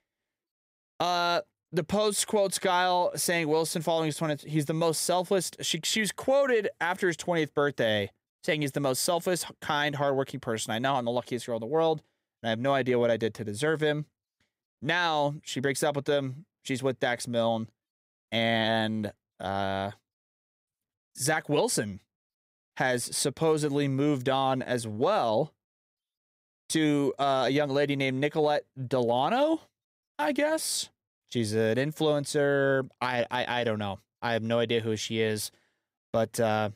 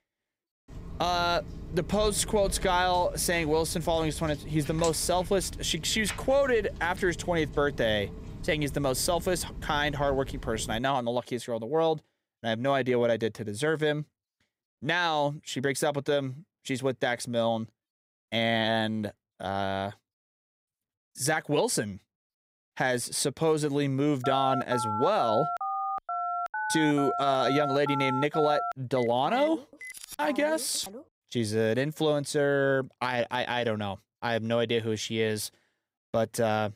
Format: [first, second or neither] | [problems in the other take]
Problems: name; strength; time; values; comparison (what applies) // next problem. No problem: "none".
first | footsteps; noticeable; from 0.5 to 11 s; peak 9 dB below the speech // phone ringing; noticeable; from 24 to 31 s; peak 3 dB below the speech